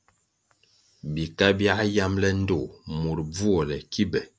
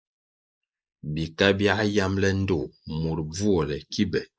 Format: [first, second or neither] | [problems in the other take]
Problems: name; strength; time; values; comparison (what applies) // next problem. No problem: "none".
first | noise reduction (neural mask model Resemble Enhance denoiser)